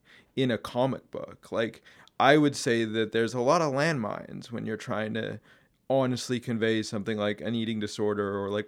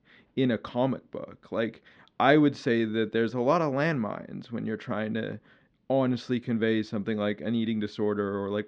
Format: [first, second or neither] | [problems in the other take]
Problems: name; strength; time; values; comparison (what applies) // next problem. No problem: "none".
first | muffled; slightly; fading above 4 kHz